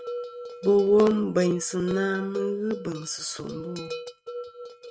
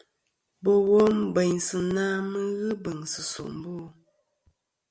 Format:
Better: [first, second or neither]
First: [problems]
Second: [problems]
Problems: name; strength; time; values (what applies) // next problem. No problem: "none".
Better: second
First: noise reduction (neural mask model RNNoise)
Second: none